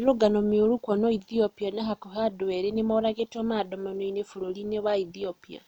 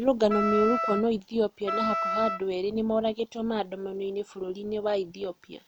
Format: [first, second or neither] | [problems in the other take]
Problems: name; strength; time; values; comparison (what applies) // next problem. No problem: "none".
first | background sound (Wind instrument, woodwind instrument); 3 dB below the speech